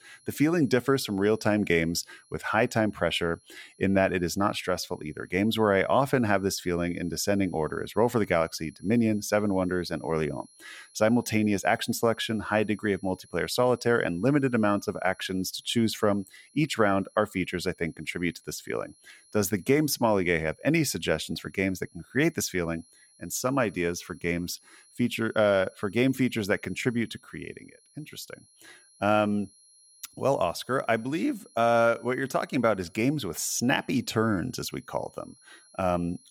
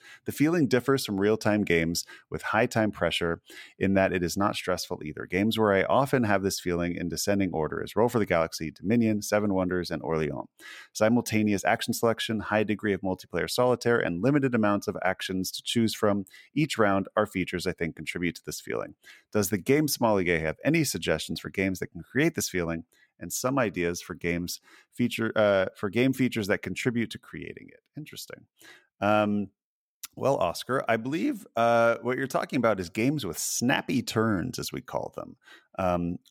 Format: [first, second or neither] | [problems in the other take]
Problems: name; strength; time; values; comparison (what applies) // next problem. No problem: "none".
second | high-pitched whine; faint; throughout; 10.5 kHz, 30 dB below the speech